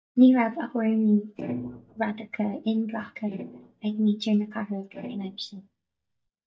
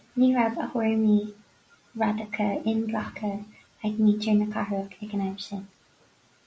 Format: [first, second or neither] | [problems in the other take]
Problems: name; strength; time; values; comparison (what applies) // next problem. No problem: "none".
second | noise reduction (neural mask model DeepFilterNet 3)